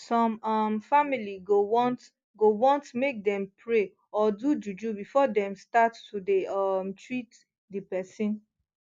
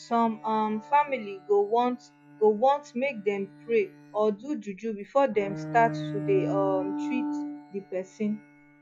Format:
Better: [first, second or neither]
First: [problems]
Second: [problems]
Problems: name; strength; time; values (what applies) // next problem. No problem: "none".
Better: first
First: none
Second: noise reduction (classical method log-MMSE)